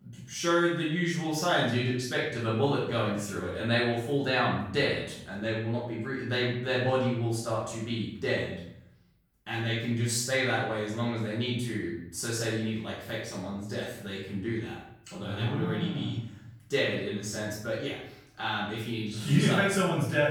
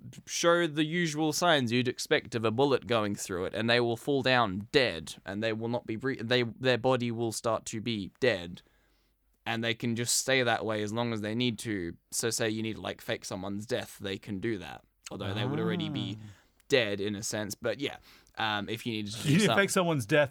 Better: second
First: off-mic speech; far // room echo; noticeable; dies away in 0.6 s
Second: none

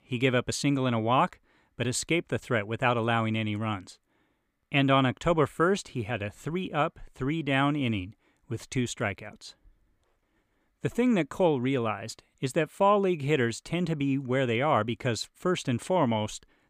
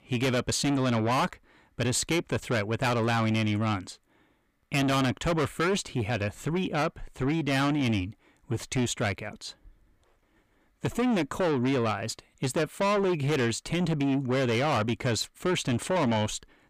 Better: first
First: none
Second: distortion; heavy; 7 dB below the speech

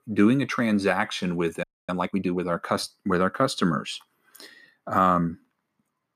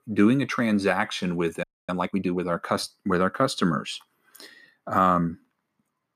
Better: neither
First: audio freezing; at 1.5 s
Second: audio freezing; at 1.5 s

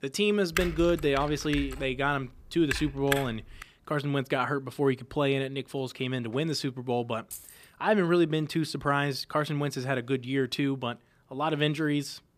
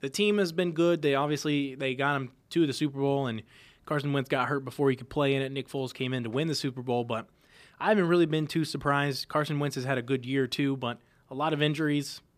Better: second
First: keyboard typing; noticeable; from 0.5 to 3.5 s; peak 4 dB below the speech // jangling keys; faint; at 7.5 s; peak 15 dB below the speech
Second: none

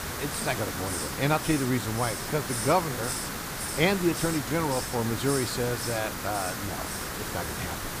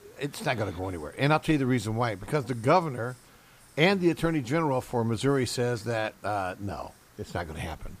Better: second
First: hiss; loud; throughout; 3 dB below the speech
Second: hiss; faint; throughout; 25 dB below the speech

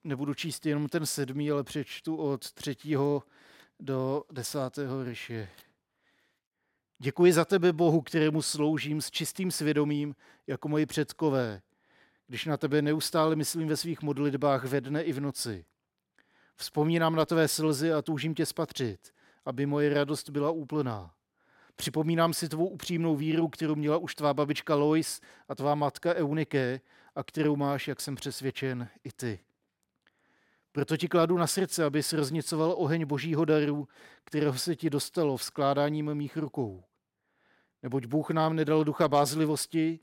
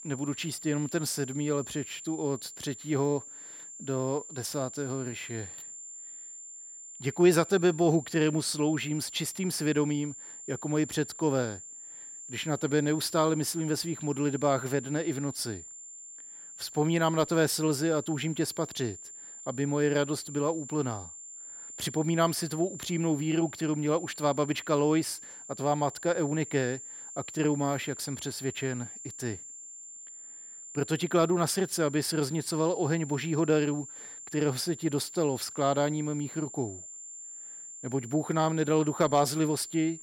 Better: first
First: none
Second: high-pitched whine; noticeable; throughout; 7 kHz, 10 dB below the speech

